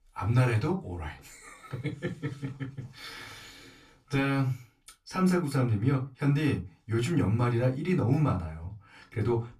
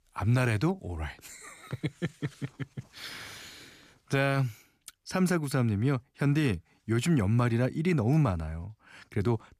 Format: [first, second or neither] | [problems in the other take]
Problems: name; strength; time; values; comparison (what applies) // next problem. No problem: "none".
second | off-mic speech; far // room echo; very slight; dies away in 0.2 s